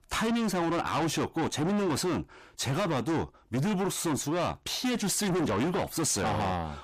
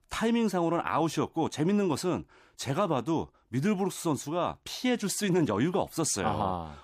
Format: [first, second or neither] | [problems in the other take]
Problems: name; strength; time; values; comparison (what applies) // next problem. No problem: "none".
second | distortion; heavy; 6 dB below the speech